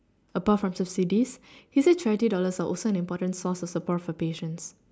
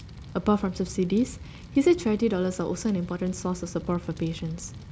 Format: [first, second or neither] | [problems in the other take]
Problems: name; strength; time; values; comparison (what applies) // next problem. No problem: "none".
first | background sound (Fire); 15 dB below the speech